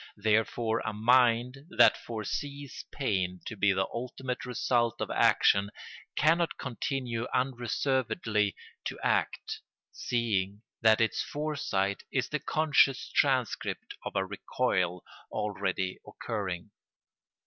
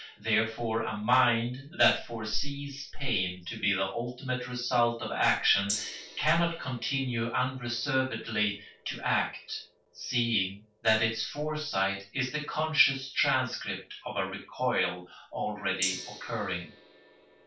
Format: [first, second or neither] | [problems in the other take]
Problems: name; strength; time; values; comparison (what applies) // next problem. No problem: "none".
first | background sound (Gong); 17 dB below the speech // room echo; dies away in 0.2 s